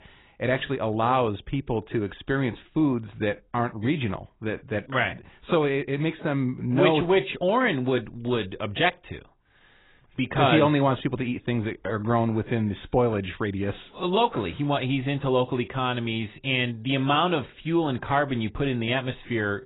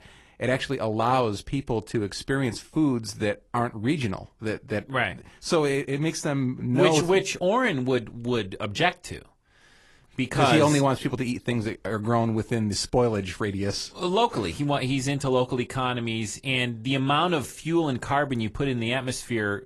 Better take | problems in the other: second | garbled, watery; badly; nothing above 4 kHz; slightly in the second

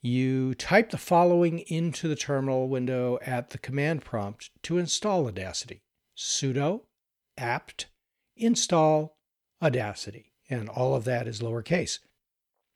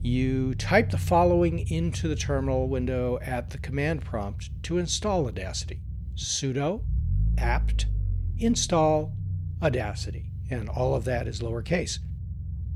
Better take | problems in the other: first | low rumble; faint; throughout; 20 dB below the speech

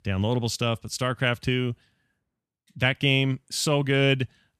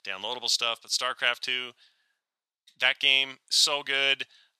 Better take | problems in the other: first | thin; very; fading below 850 Hz

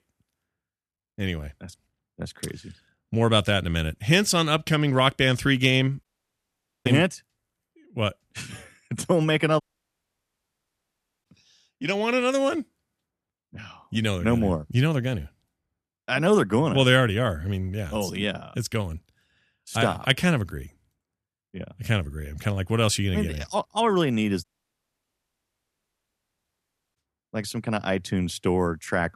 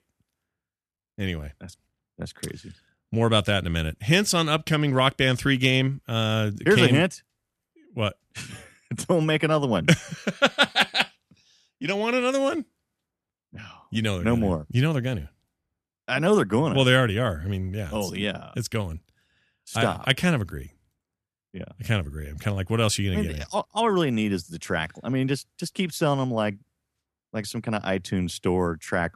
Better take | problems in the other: second | audio cutting out; at 6 s for 1 s, at 9.5 s for 1.5 s and at 24 s for 2.5 s

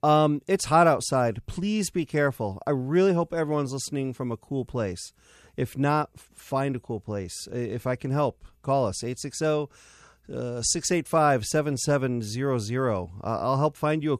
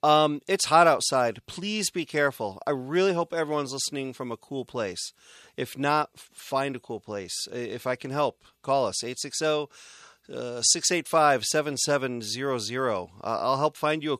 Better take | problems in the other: first | thin; very slightly; fading below 1 kHz

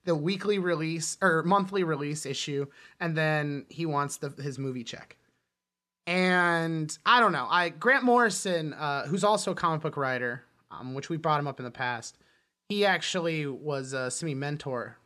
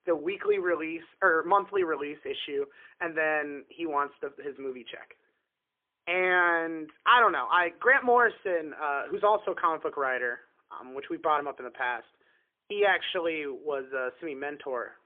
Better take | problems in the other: first | phone-call audio; poor line; nothing above 3.5 kHz

